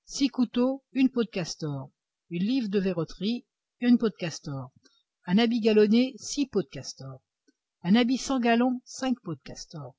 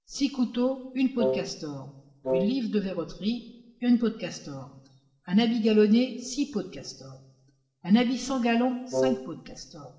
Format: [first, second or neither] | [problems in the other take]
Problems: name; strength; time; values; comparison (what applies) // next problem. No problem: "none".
first | noise reduction (neural separator model SepFormer DNS4)